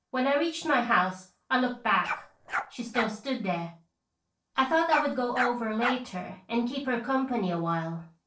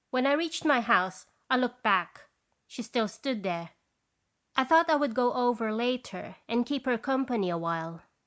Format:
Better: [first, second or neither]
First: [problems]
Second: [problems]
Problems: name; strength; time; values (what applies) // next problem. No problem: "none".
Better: second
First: noise reduction (neural separator model SepFormer DNS4)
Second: none